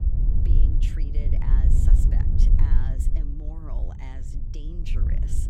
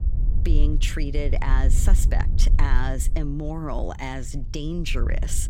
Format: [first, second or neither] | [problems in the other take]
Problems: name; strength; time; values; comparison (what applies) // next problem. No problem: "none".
second | wind noise on the microphone; heavy; 3 dB above the speech; occasional gusts in the second